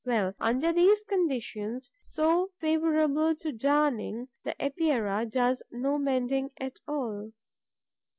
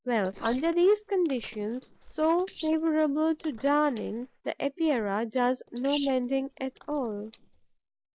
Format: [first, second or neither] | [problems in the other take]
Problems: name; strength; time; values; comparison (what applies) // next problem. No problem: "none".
first | noise reduction (neural mask model Resemble Enhance denoiser)